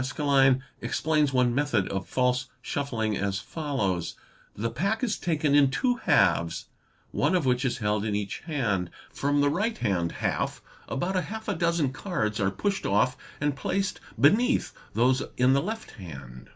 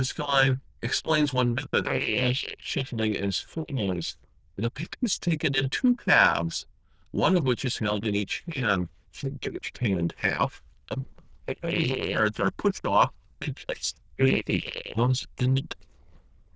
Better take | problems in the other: first | noise reduction (neural diffusion model UNIVERSE++)

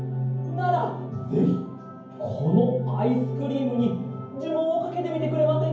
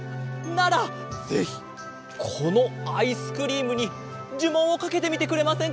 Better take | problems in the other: second | room echo; dies away in 0.9 s

